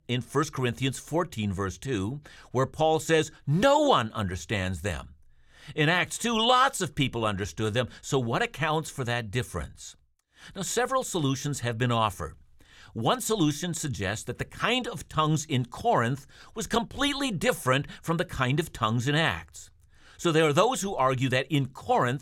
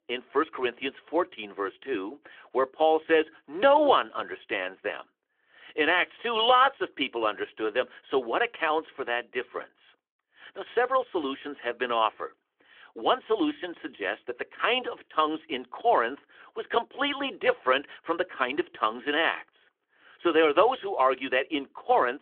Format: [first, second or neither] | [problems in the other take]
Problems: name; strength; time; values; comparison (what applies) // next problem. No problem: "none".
first | phone-call audio; nothing above 3.5 kHz